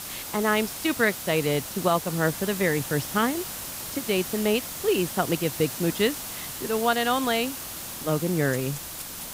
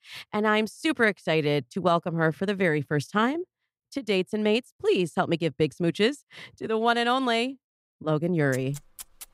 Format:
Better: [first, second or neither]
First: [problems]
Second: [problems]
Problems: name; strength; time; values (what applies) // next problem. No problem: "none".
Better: second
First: hiss; loud; throughout; 7 dB below the speech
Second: none